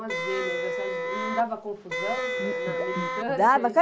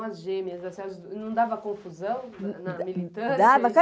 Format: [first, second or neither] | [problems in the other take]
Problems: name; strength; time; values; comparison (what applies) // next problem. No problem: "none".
second | background sound (Wind instrument, woodwind instrument); 3 dB below the speech